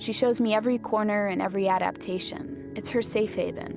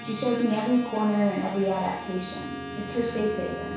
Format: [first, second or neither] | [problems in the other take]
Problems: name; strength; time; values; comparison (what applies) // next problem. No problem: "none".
first | background sound (Bowed string instrument); 13 dB below the speech // room echo; dies away in 0.6 s